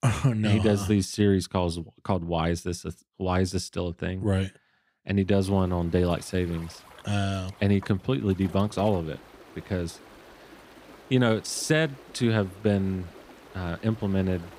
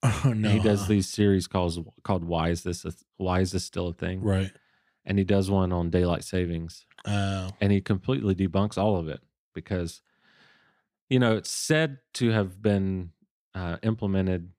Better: second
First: rain or running water; faint; from 5.5 s on; 20 dB below the speech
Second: none

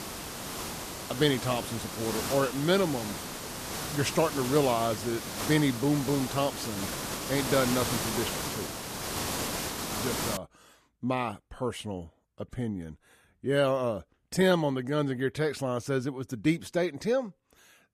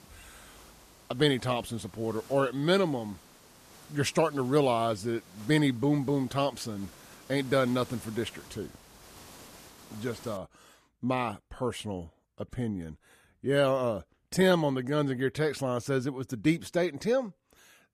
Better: second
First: hiss; loud; until 10 s; 4 dB below the speech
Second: hiss; faint; until 10 s; 20 dB below the speech

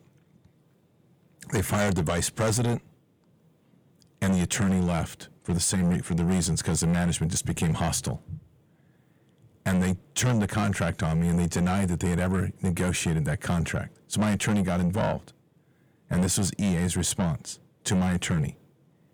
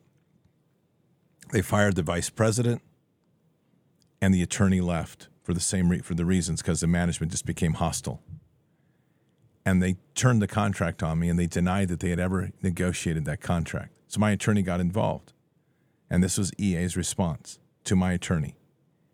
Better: second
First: distortion; heavy; 8 dB below the speech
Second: none

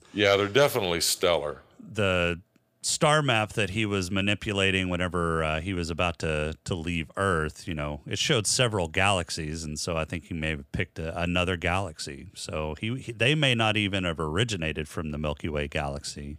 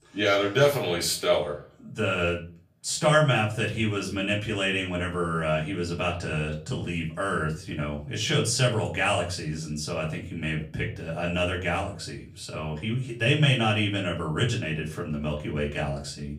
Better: first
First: none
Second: off-mic speech; far // room echo; very slight; dies away in 0.3 s

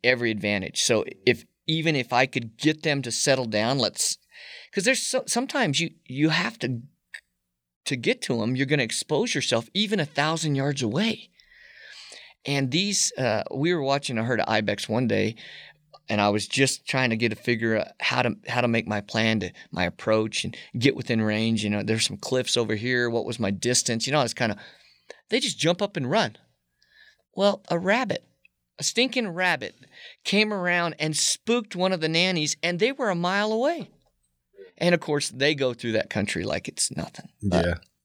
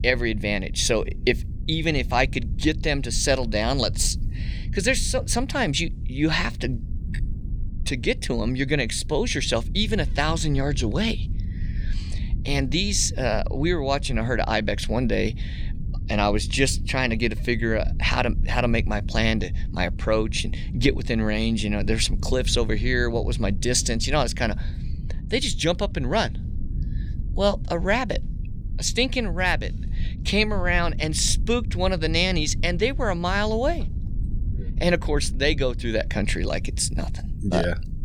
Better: first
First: none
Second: low rumble; faint; throughout; 20 dB below the speech

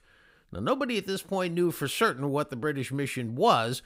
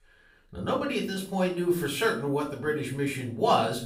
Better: first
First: none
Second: off-mic speech; far // room echo; slight; dies away in 0.4 s

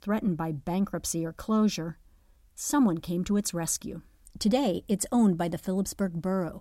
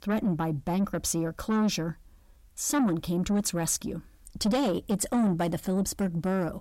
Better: first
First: none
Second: distortion; slight; 10 dB below the speech

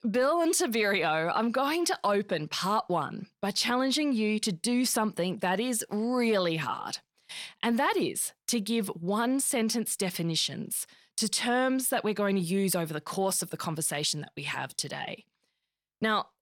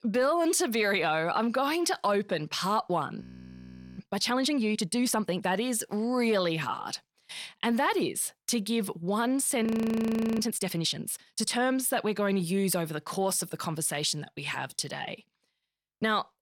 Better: first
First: none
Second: audio freezing; at 3 s for 1 s and at 9.5 s for 0.5 s

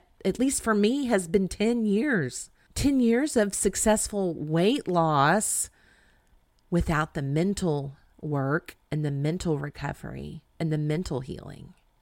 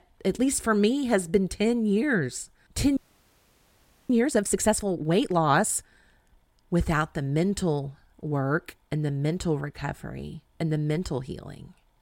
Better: first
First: none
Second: audio freezing; at 3 s for 1 s

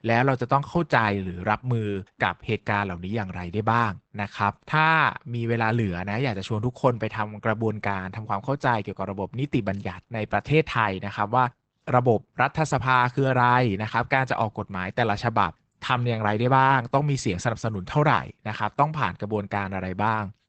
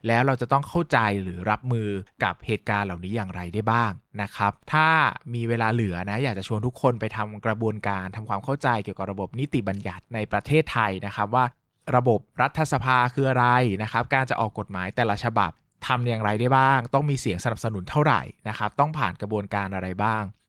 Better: second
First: garbled, watery; badly; nothing above 8 kHz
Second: garbled, watery; slightly

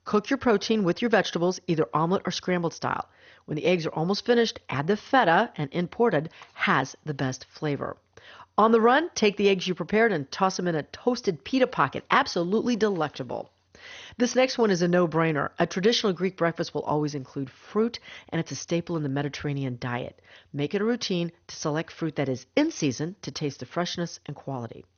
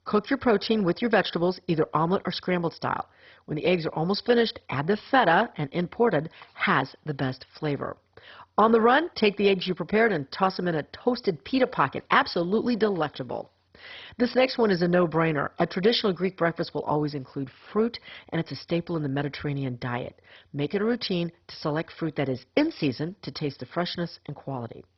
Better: first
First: garbled, watery; slightly; nothing above 6.5 kHz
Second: garbled, watery; badly; nothing above 5.5 kHz

